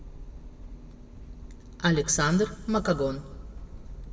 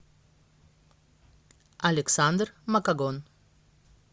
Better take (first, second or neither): second